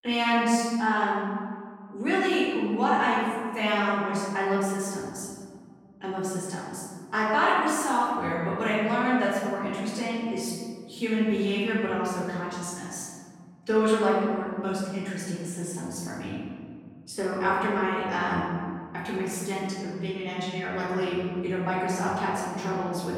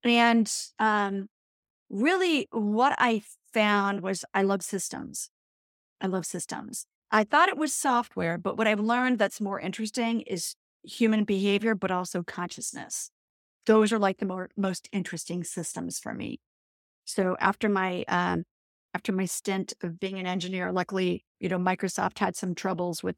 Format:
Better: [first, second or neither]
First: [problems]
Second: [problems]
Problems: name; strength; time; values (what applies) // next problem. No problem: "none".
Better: second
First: off-mic speech; far // room echo; strong; dies away in 2 s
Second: none